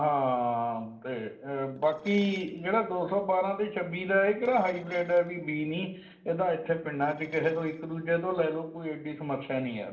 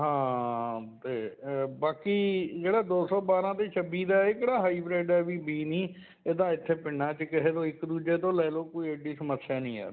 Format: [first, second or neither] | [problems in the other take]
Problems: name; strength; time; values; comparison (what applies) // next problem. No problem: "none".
second | noise reduction (neural separator model SepFormer DNS4)